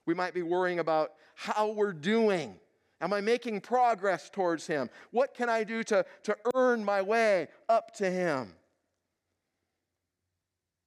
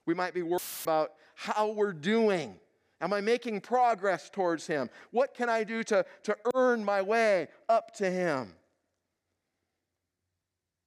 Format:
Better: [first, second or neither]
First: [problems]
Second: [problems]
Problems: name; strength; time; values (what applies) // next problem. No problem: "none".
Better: first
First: none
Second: audio cutting out; filled with static; at 0.5 s